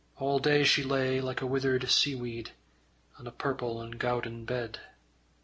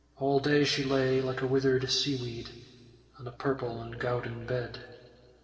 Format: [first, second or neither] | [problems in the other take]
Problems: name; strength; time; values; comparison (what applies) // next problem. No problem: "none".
first | room echo; dies away in 2.2 s